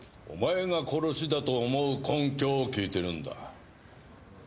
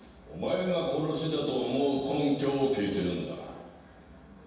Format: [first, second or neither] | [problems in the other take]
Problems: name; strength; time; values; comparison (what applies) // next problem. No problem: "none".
first | room echo; dies away in 1.2 s